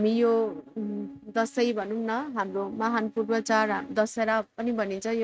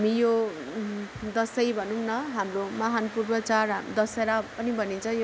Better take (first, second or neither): second